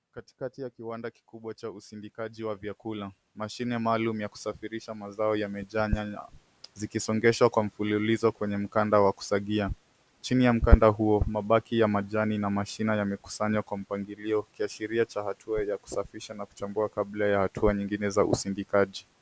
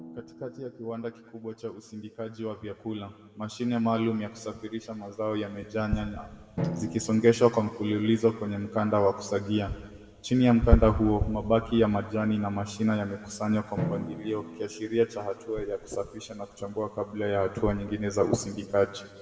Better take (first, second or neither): first